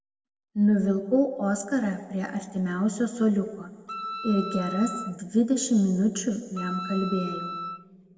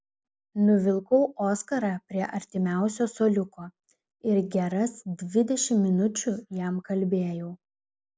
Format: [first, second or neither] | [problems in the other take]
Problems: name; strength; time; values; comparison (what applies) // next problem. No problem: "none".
second | background sound (Wind instrument, woodwind instrument); 10 dB below the speech // room echo; dies away in 1.4 s